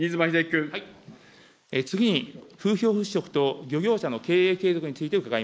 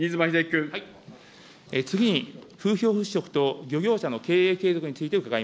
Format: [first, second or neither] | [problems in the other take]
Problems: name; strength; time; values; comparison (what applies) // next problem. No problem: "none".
second | noise reduction (neural mask model Resemble Enhance denoiser)